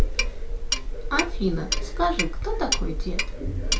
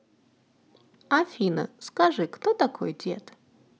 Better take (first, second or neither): second